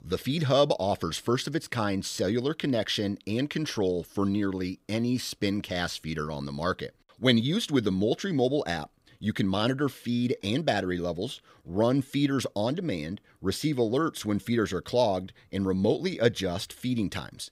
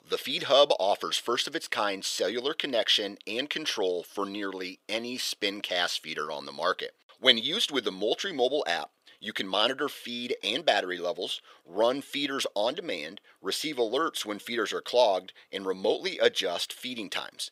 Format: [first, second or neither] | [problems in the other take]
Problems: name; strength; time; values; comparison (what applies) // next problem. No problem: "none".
first | thin; somewhat; fading below 550 Hz